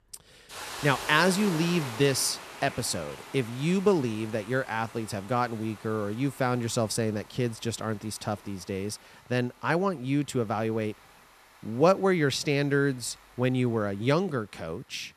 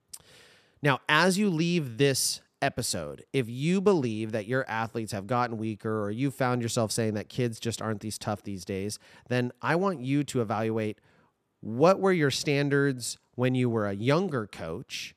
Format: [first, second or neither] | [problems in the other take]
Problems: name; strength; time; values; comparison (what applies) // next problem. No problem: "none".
second | hiss; noticeable; throughout; 15 dB below the speech